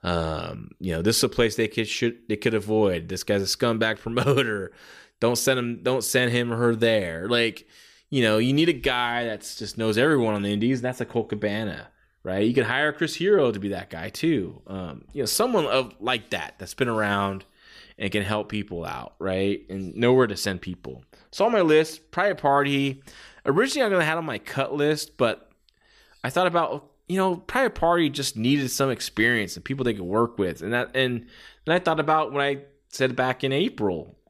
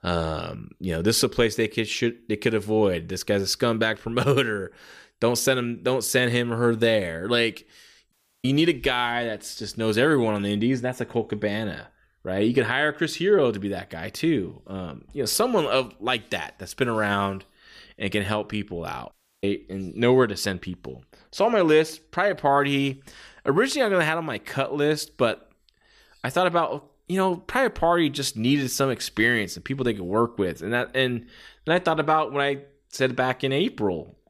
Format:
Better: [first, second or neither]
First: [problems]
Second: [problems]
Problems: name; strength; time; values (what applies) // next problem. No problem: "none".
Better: first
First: none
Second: audio cutting out; at 8 s and at 19 s